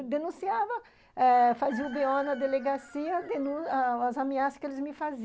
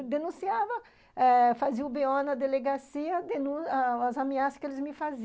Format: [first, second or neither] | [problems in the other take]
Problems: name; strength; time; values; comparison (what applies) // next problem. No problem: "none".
second | background sound (Chicken, rooster); 18 dB below the speech